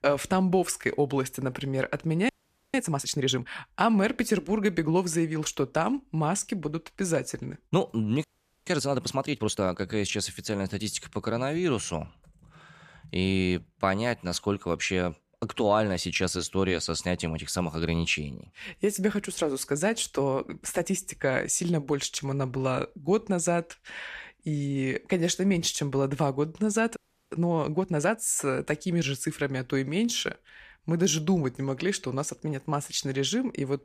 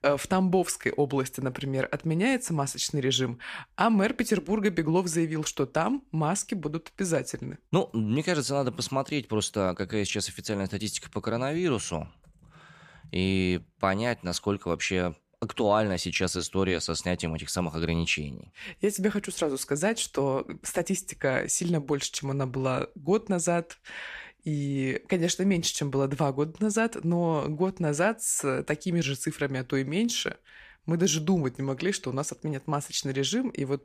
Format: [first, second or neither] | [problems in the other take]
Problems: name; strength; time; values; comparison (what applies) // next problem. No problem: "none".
second | audio freezing; at 2.5 s, at 8 s and at 27 s